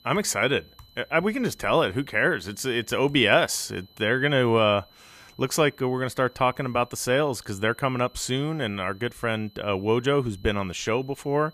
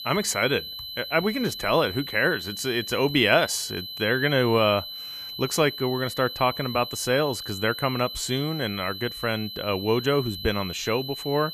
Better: first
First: high-pitched whine; faint; throughout; 4 kHz, 30 dB below the speech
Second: high-pitched whine; loud; throughout; 4 kHz, 9 dB below the speech

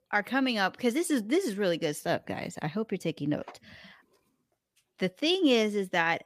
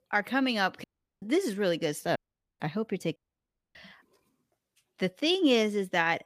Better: first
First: none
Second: audio cutting out; at 1 s, at 2 s and at 3 s for 0.5 s

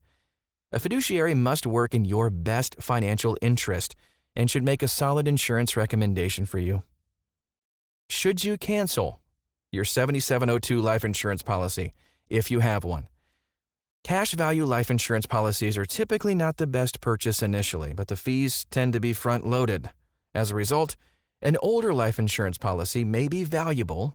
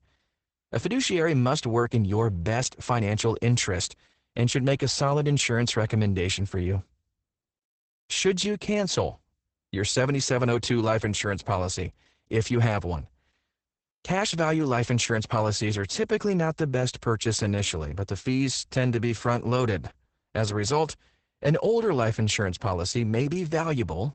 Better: first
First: garbled, watery; slightly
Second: garbled, watery; badly; nothing above 8 kHz

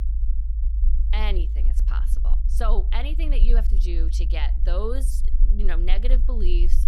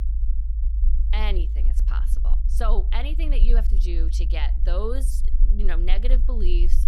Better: neither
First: low rumble; noticeable; throughout; 15 dB below the speech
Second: low rumble; noticeable; throughout; 15 dB below the speech

